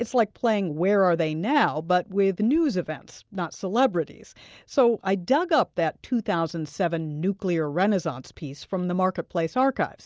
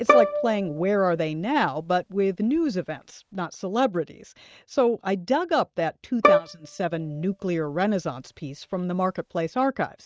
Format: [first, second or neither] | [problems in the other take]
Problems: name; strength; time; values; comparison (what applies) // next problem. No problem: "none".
first | noise reduction (neural mask model RNNoise)